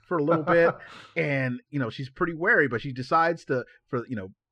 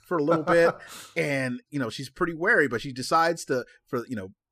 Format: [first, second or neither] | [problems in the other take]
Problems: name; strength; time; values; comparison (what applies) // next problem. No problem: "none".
second | muffled; slightly; fading above 2.5 kHz